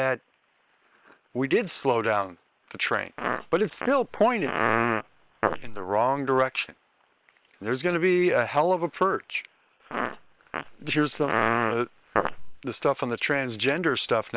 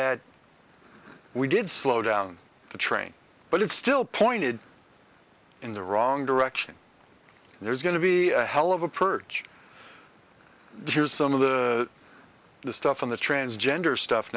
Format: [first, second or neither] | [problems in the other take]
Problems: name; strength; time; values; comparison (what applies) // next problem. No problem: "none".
second | noise reduction (neural separator model SepFormer WHAM!)